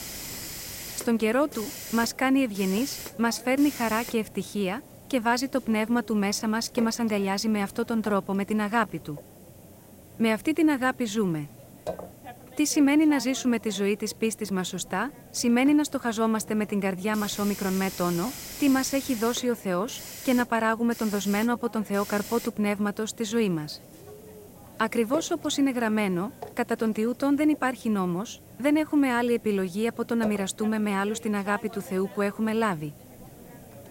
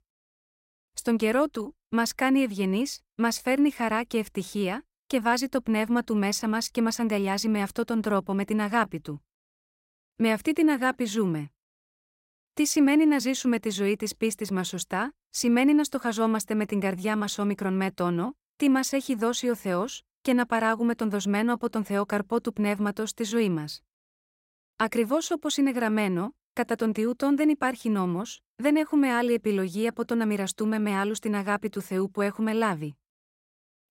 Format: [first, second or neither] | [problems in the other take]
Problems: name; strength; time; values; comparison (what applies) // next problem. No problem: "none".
second | hiss; noticeable; throughout; 15 dB below the speech